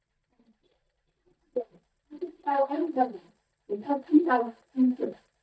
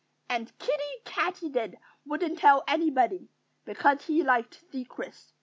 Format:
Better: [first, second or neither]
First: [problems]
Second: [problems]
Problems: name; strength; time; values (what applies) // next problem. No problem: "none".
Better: second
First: noise reduction (neural mask model DeepFilterNet 3)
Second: none